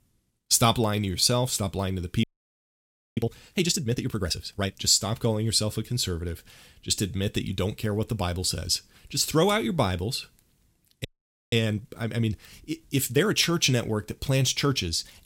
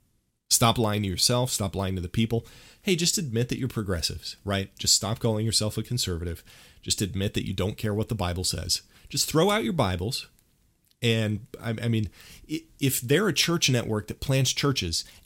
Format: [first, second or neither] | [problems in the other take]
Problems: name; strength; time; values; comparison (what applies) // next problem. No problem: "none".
second | audio freezing; at 2 s for 1 s and at 11 s